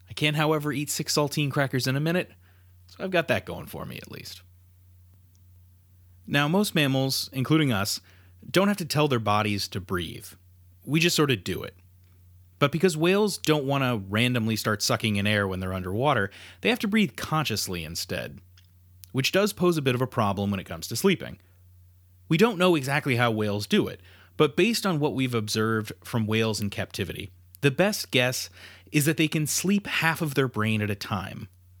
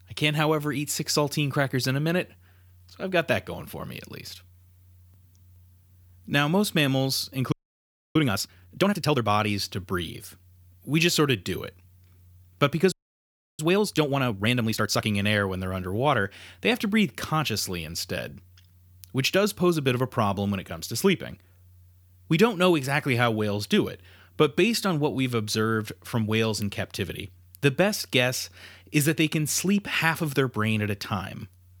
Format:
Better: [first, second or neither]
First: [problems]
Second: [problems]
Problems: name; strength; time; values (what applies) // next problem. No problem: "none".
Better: first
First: none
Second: audio freezing; at 7.5 s for 0.5 s and at 13 s for 0.5 s